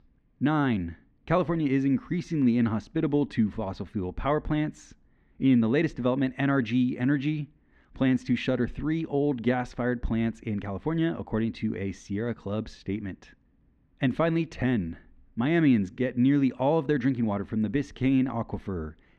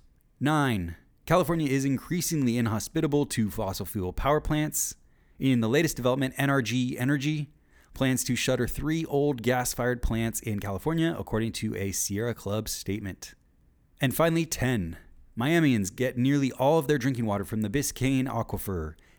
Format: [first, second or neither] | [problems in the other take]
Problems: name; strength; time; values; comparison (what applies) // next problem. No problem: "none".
second | muffled; very; fading above 3 kHz